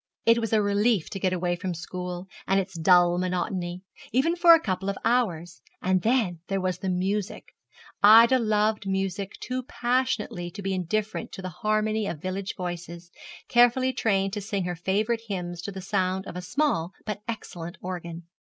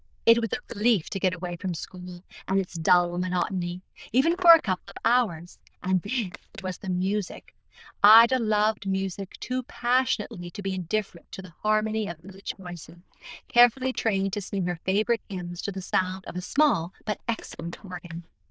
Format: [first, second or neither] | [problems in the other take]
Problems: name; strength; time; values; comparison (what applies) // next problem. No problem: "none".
first | noise reduction (neural diffusion model UNIVERSE++)